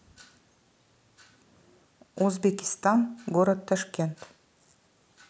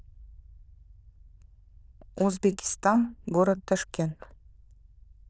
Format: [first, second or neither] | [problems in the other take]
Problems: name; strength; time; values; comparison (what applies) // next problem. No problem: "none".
first | noise reduction (neural diffusion model UNIVERSE++)